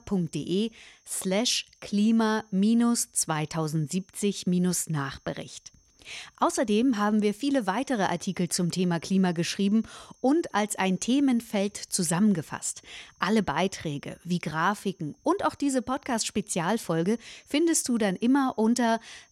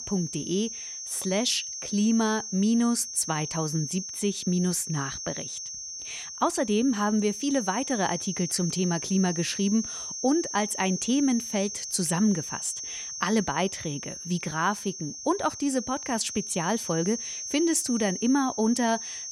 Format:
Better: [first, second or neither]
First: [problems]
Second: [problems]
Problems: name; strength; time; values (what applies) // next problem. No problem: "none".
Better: first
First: high-pitched whine; faint; throughout; 6 kHz, 35 dB below the speech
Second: high-pitched whine; loud; throughout; 6 kHz, 7 dB below the speech